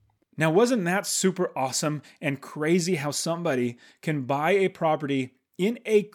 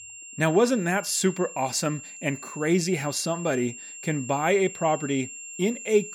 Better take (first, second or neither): first